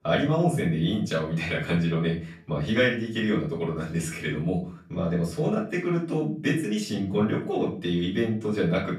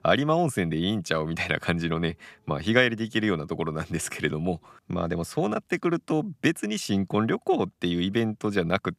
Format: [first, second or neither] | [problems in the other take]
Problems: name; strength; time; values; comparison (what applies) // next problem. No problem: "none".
second | off-mic speech; far // room echo; slight; dies away in 0.4 s